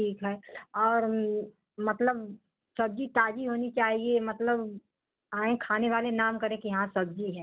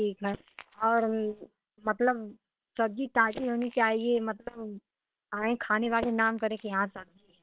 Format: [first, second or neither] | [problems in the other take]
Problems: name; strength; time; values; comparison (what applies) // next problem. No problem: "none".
first | noise reduction (neural separator model SepFormer WHAM!)